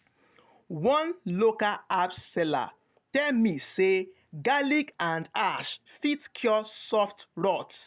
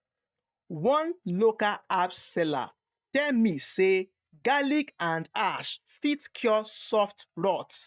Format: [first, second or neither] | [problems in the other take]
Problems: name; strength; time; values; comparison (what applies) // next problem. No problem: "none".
first | noise reduction (neural mask model DeepFilterNet 3)